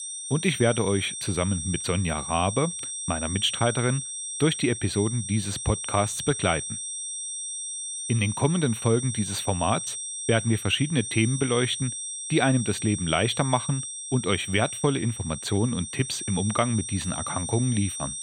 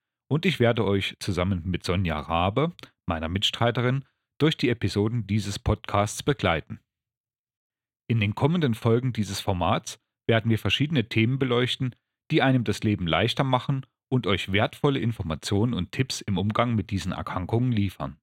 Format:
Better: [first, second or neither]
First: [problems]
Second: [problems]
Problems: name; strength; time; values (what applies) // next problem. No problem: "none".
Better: second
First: high-pitched whine; loud; throughout; 8.5 kHz, 5 dB below the speech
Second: none